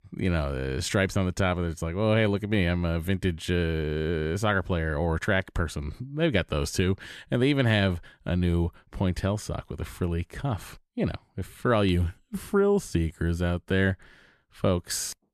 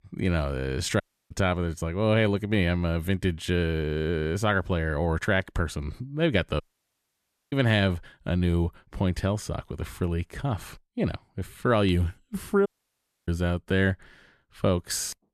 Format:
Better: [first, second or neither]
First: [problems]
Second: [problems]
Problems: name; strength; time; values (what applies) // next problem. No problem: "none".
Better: first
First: none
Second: audio cutting out; at 1 s, at 6.5 s for 1 s and at 13 s for 0.5 s